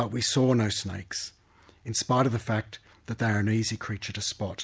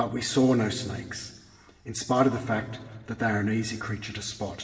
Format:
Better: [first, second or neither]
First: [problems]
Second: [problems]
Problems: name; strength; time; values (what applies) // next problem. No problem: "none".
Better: first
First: none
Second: room echo; dies away in 1.7 s